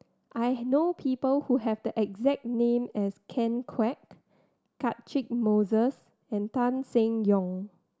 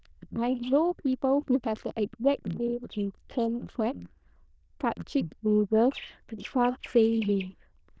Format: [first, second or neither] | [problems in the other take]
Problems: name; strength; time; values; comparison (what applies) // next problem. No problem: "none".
first | noise reduction (neural diffusion model UNIVERSE++)